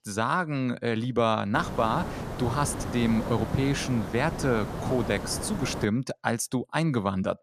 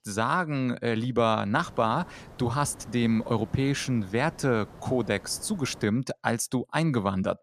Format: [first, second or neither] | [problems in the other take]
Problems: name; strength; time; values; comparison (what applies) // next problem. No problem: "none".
second | hiss; loud; from 1.5 to 6 s; 7 dB below the speech; faint in the second